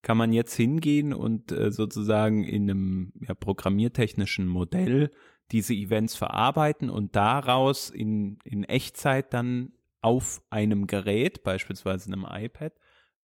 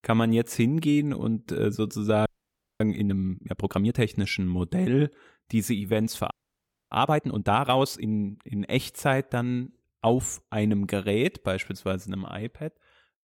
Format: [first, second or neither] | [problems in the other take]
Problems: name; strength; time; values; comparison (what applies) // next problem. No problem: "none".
first | audio freezing; at 2.5 s for 0.5 s and at 6.5 s for 0.5 s